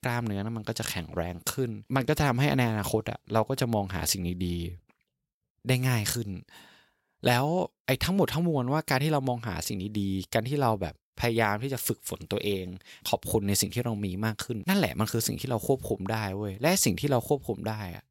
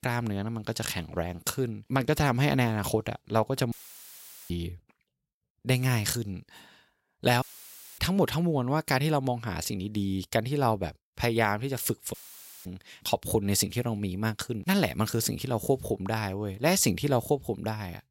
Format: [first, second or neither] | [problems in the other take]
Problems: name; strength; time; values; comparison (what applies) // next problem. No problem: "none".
first | audio cutting out; filled with static; at 3.5 s for 1 s, at 7.5 s for 0.5 s and at 12 s for 0.5 s